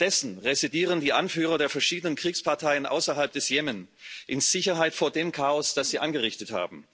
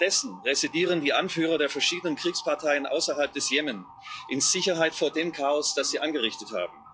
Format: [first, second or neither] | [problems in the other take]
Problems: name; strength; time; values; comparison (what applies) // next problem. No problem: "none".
first | noise reduction (classical method log-MMSE)